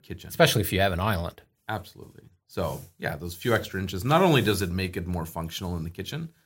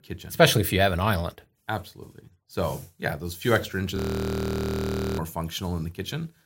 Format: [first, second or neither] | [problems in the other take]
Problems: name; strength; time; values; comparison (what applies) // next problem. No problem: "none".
first | audio freezing; at 4 s for 1 s